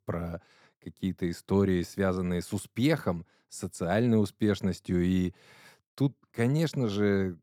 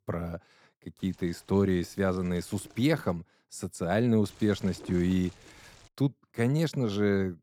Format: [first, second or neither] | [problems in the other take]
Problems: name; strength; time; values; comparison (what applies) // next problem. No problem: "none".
first | wind noise on the microphone; occasional gusts; from 1 to 3 s and from 4 to 6 s; 20 dB below the speech